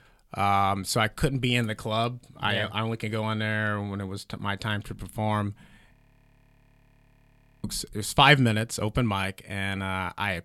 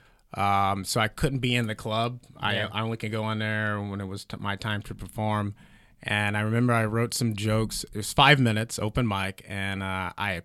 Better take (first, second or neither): second